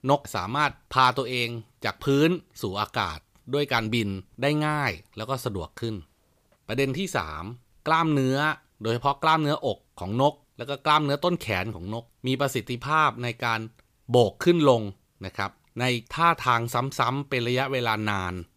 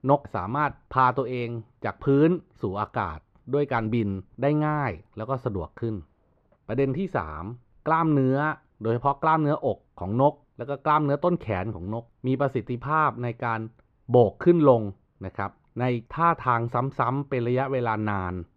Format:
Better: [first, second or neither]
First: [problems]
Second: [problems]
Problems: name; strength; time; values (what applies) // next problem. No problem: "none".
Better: first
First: none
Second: muffled; very; fading above 3.5 kHz